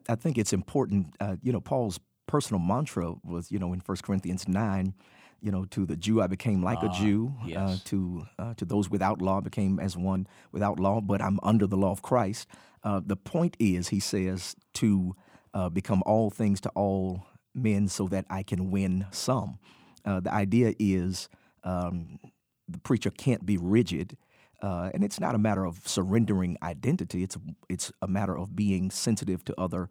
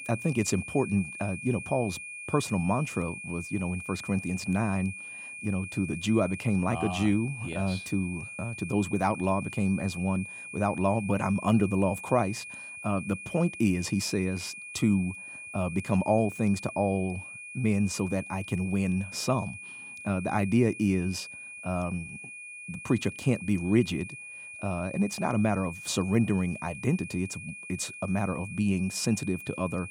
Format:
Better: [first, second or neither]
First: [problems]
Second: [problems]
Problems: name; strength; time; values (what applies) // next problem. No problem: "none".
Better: first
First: none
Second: high-pitched whine; noticeable; throughout; 2.5 kHz, 10 dB below the speech